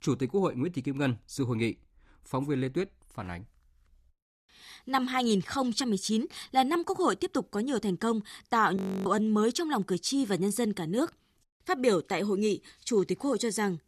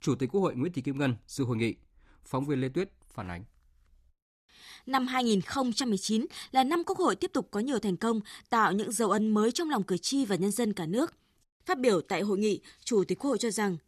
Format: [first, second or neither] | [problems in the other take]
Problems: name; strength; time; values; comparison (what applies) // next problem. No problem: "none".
second | audio freezing; at 9 s